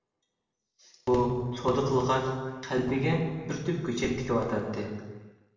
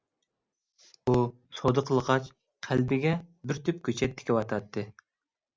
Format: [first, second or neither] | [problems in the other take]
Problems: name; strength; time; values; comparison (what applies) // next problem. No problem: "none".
second | room echo; dies away in 1.2 s